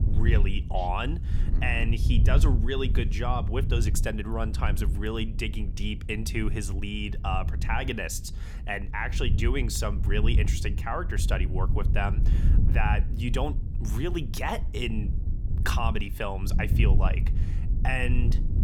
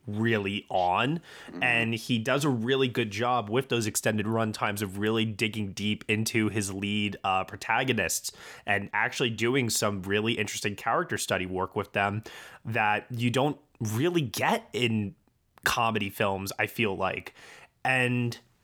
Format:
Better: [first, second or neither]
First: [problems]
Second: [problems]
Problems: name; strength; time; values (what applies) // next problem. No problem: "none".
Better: second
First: wind noise on the microphone; occasional gusts; 10 dB below the speech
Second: none